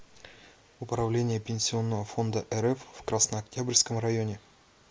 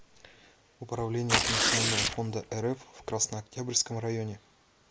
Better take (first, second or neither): first